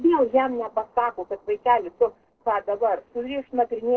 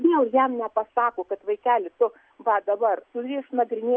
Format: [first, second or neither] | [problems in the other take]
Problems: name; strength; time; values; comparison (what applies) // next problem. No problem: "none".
second | noise reduction (neural separator model SepFormer DNS4)